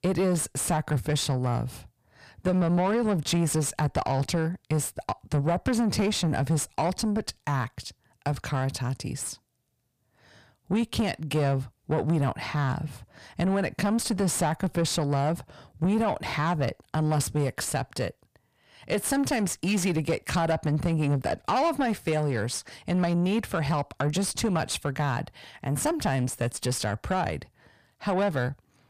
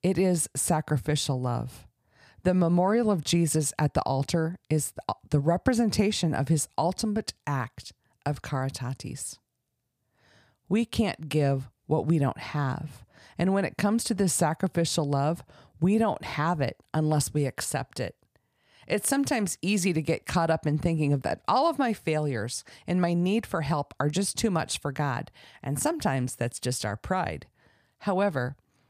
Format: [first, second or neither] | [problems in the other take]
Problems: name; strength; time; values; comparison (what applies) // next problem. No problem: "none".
second | distortion; slight; 9 dB below the speech